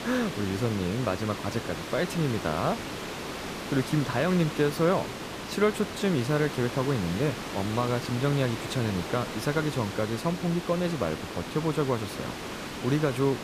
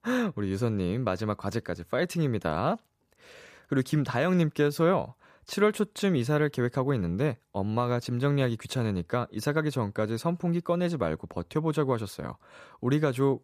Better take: second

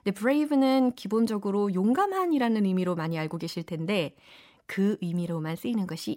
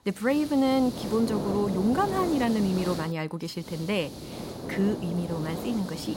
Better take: first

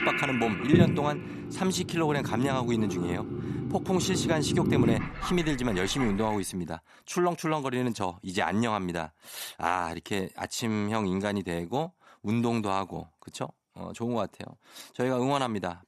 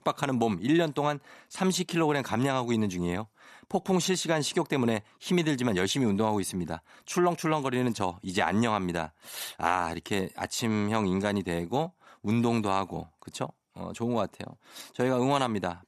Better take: second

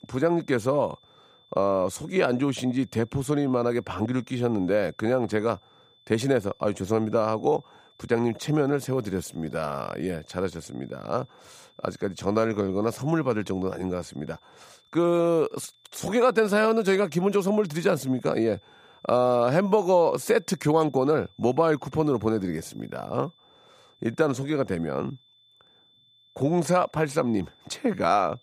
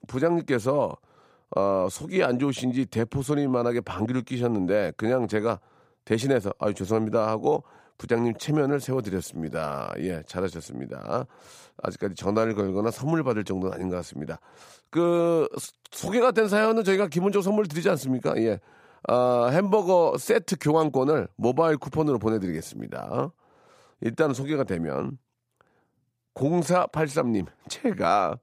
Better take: second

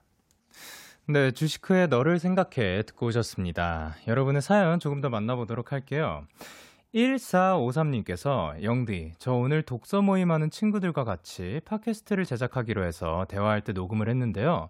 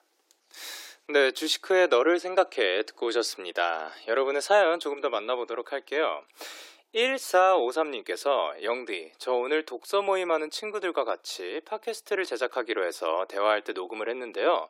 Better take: first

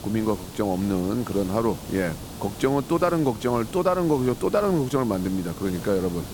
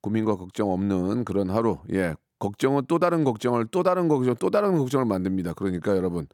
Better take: second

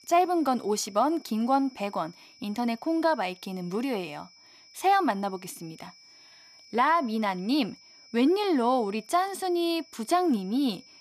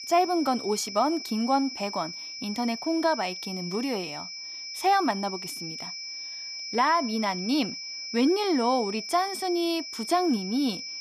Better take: first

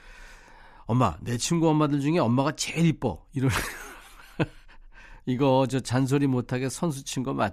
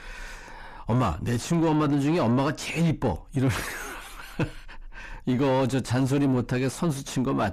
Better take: first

